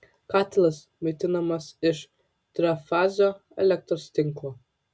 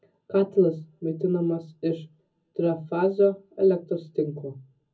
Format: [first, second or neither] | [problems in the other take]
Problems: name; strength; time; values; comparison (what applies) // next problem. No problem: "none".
first | room echo; dies away in 0.4 s